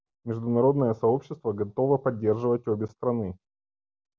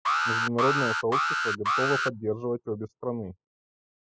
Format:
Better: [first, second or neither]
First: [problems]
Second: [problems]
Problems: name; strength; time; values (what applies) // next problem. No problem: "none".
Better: first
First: none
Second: noise reduction (classical method spectral subtraction)